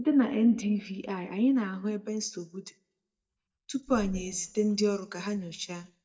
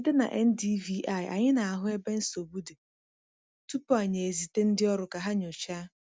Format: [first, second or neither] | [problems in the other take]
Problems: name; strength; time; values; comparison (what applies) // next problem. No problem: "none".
second | noise reduction (neural mask model DeepFilterNet 3)